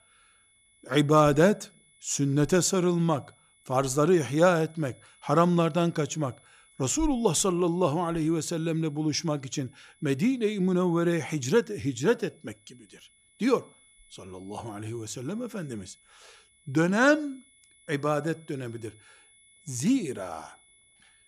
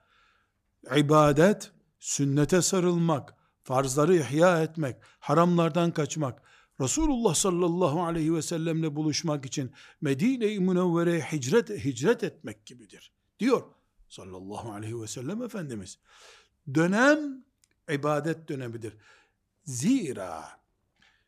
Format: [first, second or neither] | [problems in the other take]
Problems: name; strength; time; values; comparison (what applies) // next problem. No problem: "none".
second | high-pitched whine; faint; throughout; 2 kHz, 30 dB below the speech